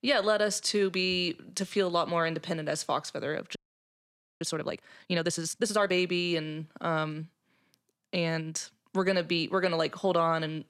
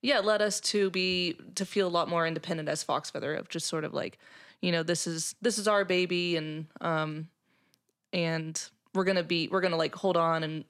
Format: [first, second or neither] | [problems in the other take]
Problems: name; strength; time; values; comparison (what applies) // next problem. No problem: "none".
second | audio freezing; at 3.5 s for 1 s